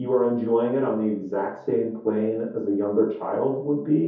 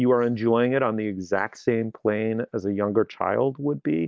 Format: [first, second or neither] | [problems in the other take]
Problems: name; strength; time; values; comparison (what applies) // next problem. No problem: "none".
second | room echo; dies away in 0.6 s